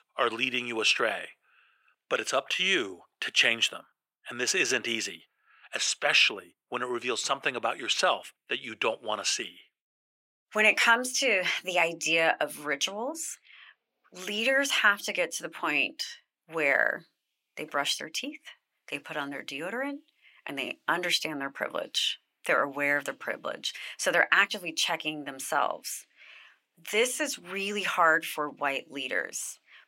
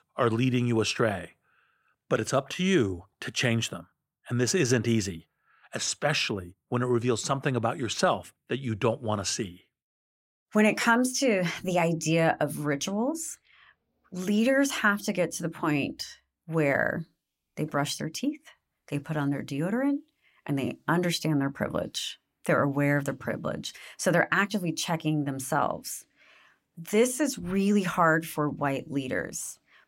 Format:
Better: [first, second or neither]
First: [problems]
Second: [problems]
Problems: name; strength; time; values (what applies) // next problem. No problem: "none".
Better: second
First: thin; somewhat; fading below 450 Hz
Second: none